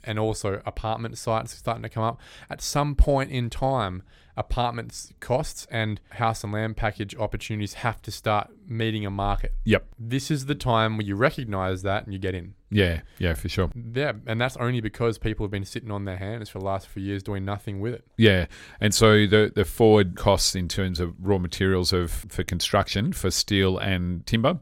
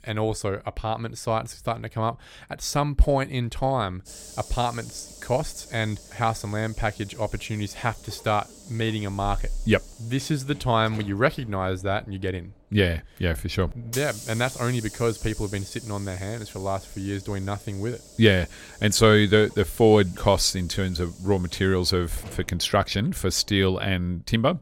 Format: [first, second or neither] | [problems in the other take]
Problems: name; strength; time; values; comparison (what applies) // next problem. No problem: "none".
first | hiss; noticeable; from 4 s on; 20 dB below the speech